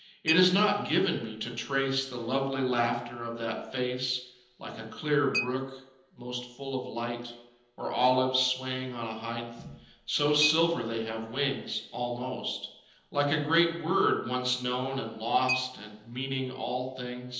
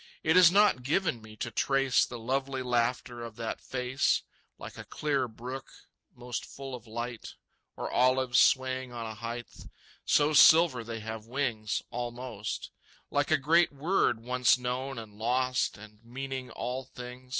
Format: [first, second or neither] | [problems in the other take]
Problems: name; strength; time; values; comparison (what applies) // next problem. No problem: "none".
second | background sound (Chink, clink); 14 dB below the speech // room echo; dies away in 0.9 s